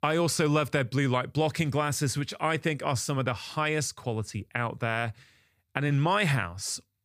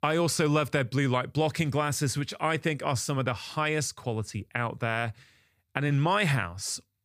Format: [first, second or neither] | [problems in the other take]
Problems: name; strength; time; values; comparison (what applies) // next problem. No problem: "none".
neither | none